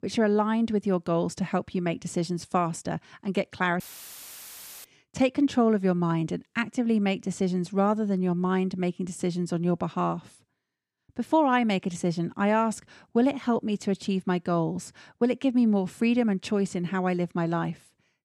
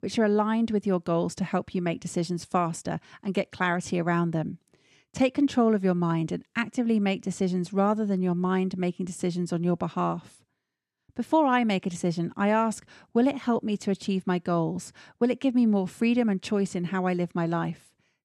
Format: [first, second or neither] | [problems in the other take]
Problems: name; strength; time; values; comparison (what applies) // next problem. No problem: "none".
second | audio cutting out; filled with static; at 4 s for 1 s